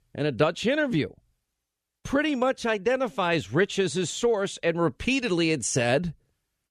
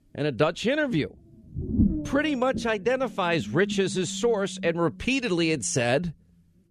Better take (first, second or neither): first